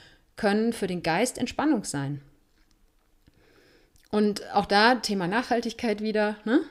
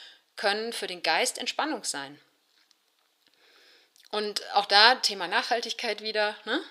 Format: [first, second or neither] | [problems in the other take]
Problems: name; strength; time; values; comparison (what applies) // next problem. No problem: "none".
first | thin; very; fading below 600 Hz